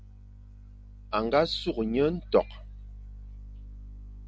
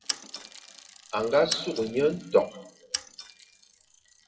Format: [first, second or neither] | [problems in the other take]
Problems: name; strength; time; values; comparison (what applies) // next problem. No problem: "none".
first | noise reduction (classical method WPE with log-MMSE)